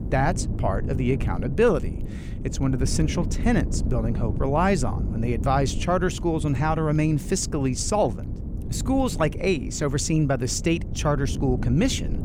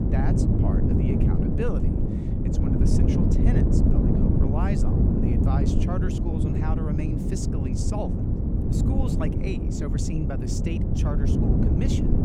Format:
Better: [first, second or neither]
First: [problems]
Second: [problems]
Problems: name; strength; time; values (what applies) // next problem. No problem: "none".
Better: first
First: wind noise on the microphone; occasional gusts; 15 dB below the speech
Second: wind noise on the microphone; heavy; 4 dB above the speech